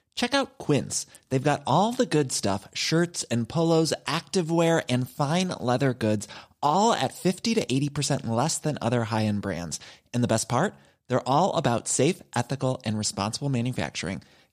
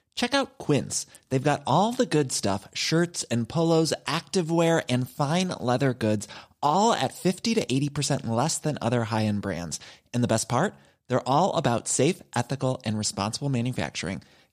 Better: neither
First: none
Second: none

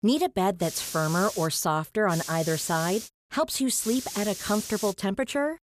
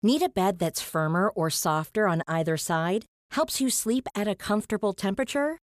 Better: second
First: hiss; loud; at 0.5 s, at 2 s and from 4 to 5 s; 9 dB below the speech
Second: none

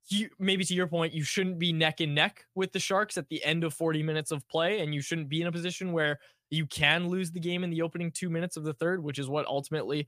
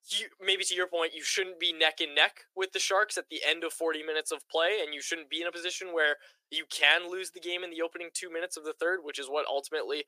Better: first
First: none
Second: thin; very; fading below 350 Hz

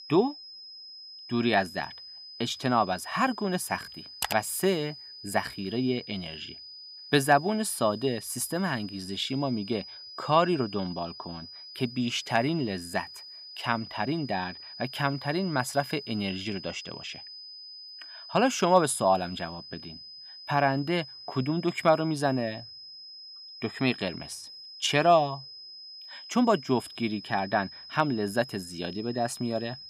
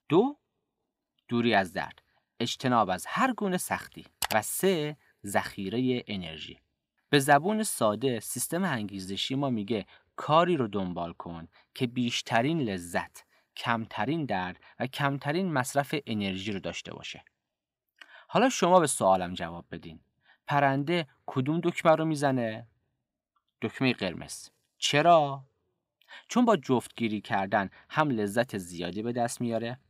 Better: second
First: high-pitched whine; noticeable; throughout; 5 kHz, 15 dB below the speech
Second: none

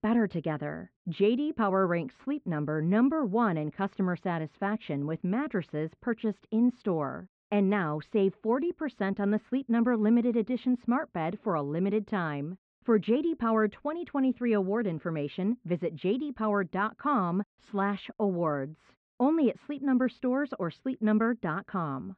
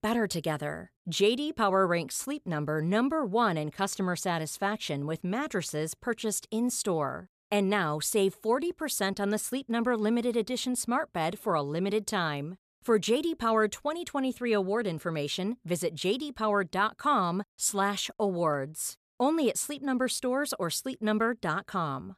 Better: second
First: muffled; very; fading above 2.5 kHz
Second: none

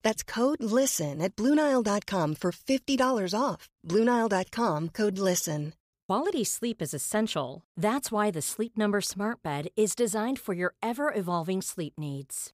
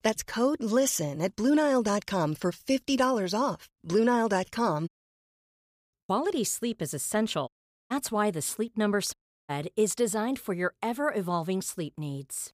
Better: first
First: none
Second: audio cutting out; at 5 s for 1 s, at 7.5 s and at 9 s

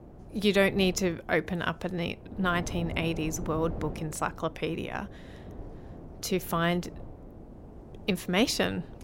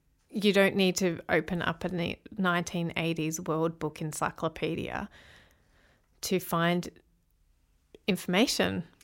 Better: second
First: wind noise on the microphone; occasional gusts; 20 dB below the speech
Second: none

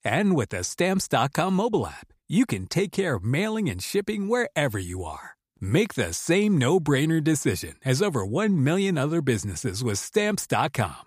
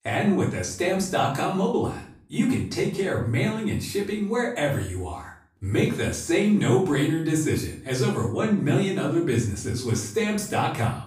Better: first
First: none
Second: off-mic speech; far // room echo; slight; dies away in 0.4 s

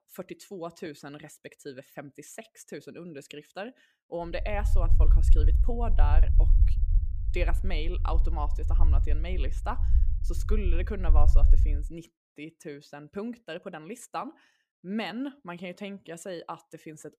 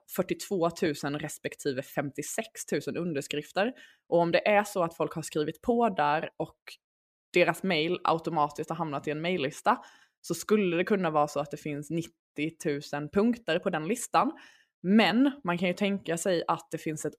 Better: second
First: low rumble; noticeable; from 4.5 to 12 s; 10 dB below the speech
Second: none

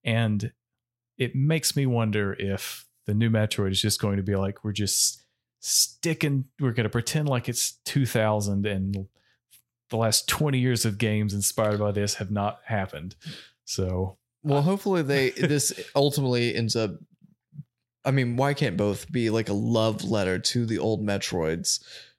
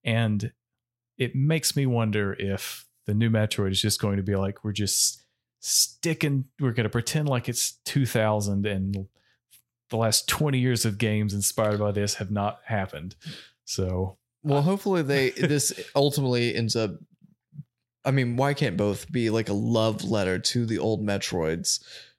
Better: neither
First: none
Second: none

